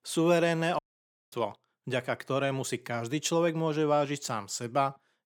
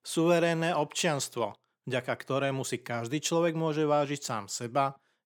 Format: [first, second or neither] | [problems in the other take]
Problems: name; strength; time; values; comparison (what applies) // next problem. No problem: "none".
second | audio cutting out; at 1 s for 0.5 s